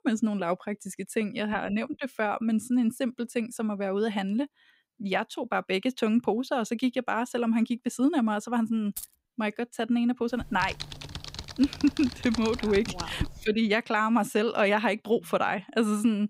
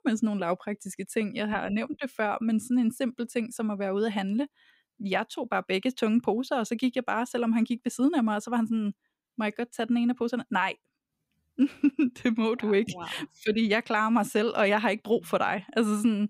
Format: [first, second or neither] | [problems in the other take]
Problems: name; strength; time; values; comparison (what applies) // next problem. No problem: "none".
second | jangling keys; faint; at 9 s; peak 10 dB below the speech // keyboard typing; noticeable; from 10 to 13 s; peak 7 dB below the speech